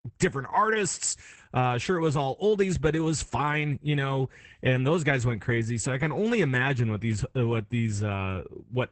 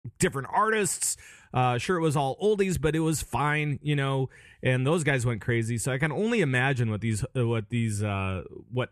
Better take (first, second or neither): second